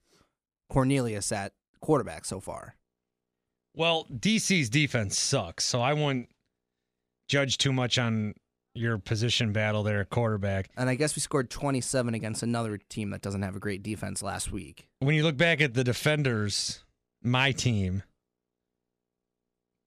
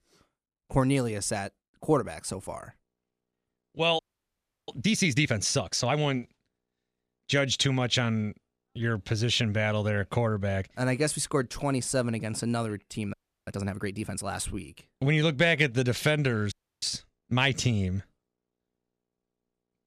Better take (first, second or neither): first